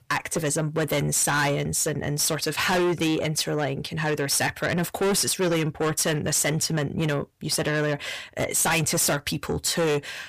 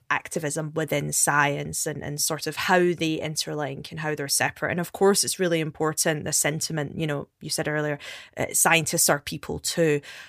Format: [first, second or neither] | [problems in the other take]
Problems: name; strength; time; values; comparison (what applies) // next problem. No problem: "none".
second | distortion; heavy; 6 dB below the speech